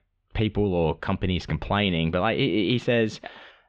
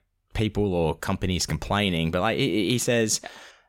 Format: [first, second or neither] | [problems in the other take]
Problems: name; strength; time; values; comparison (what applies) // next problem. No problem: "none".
second | muffled; very; fading above 3.5 kHz